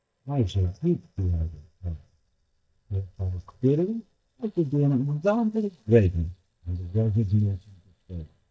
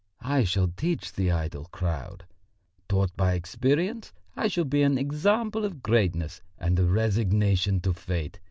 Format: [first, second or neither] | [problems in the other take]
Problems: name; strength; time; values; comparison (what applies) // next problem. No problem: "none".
second | noise reduction (neural mask model DeepFilterNet 3)